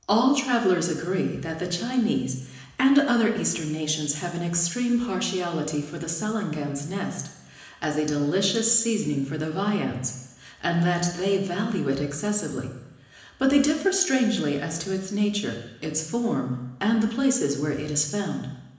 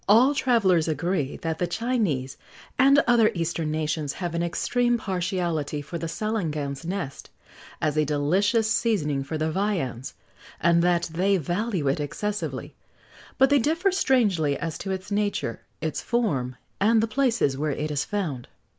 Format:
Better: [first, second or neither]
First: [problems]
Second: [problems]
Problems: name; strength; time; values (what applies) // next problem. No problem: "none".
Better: second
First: room echo; dies away in 1 s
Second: none